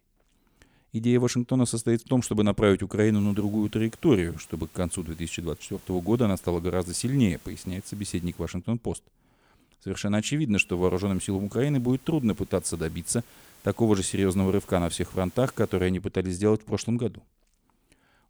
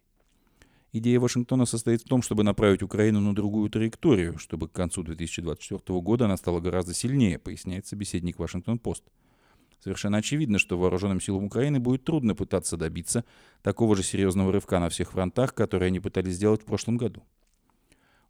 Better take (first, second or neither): second